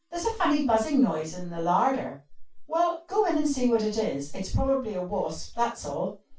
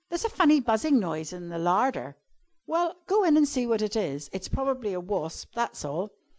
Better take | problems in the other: second | room echo; dies away in 0.2 s

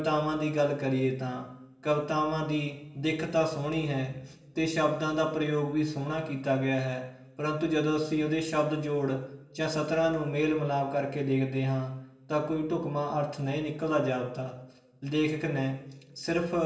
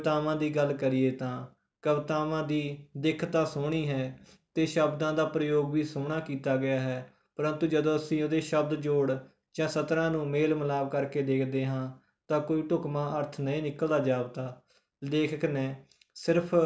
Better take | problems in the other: second | room echo; dies away in 1.3 s

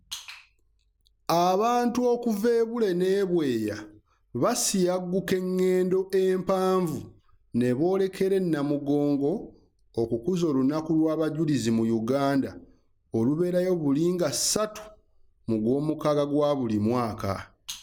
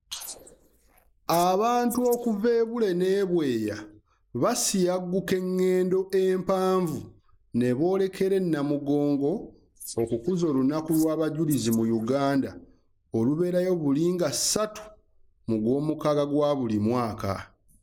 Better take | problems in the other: first | noise reduction (neural mask model Resemble Enhance denoiser)

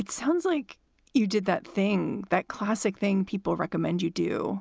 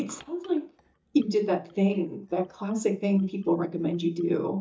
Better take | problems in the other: first | noise reduction (neural mask model DeepFilterNet 3)

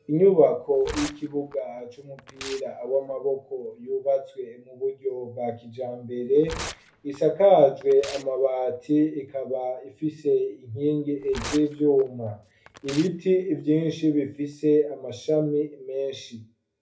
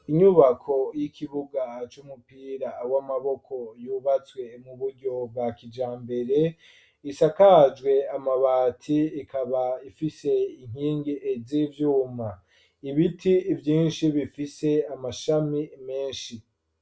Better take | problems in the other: second | background sound (Tearing); 17 dB below the speech // room echo; dies away in 0.3 s

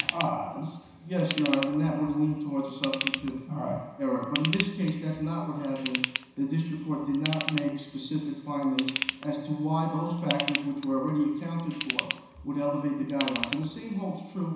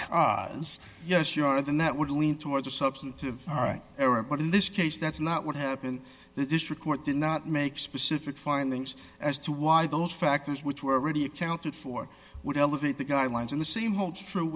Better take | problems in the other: second | background sound (Ratchet, pawl / Tools); 7 dB below the speech // room echo; dies away in 1 s

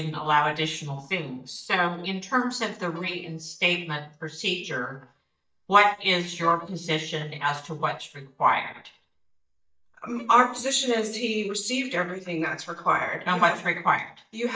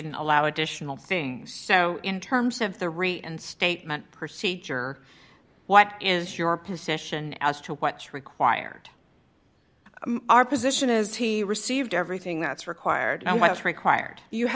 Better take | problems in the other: second | noise reduction (neural mask model DeepFilterNet 3)

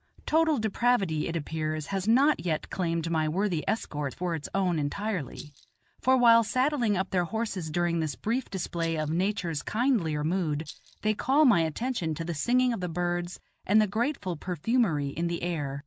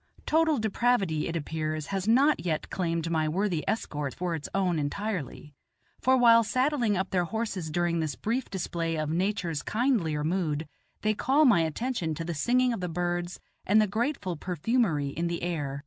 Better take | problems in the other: second | background sound (Rattle); 19 dB below the speech

